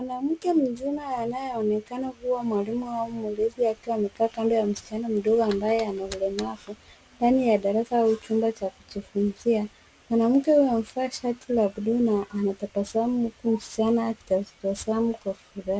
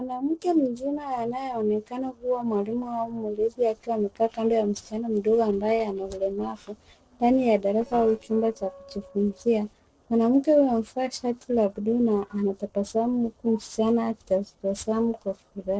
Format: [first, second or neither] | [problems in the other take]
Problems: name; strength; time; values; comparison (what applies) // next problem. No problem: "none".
first | noise reduction (neural separator model SepFormer DNS4)